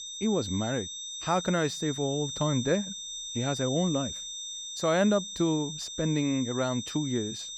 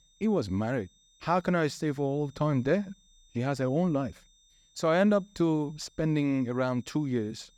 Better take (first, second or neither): second